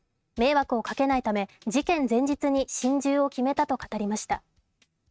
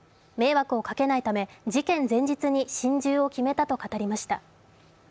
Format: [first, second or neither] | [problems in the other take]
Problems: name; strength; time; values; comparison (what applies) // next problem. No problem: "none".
second | noise reduction (neural mask model RNNoise)